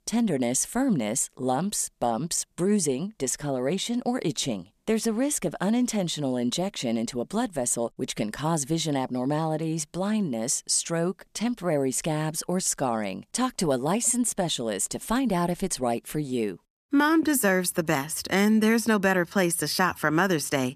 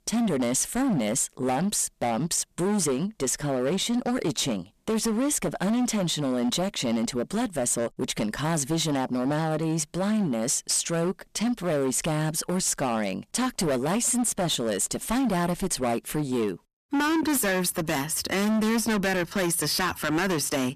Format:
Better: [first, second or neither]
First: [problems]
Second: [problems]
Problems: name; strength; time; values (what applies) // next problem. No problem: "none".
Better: first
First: none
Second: distortion; heavy; 20% of the sound clipped